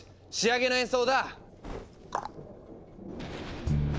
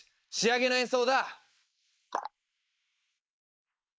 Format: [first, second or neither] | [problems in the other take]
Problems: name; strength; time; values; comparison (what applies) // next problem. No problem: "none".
first | noise reduction (neural mask model Resemble Enhance denoiser)